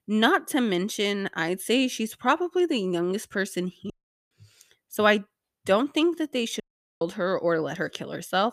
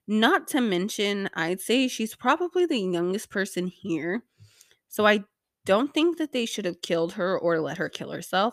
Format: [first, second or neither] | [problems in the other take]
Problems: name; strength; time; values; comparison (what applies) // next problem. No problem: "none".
second | audio cutting out; at 4 s and at 6.5 s